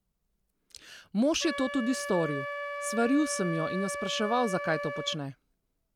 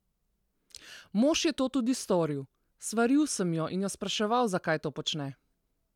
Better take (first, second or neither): second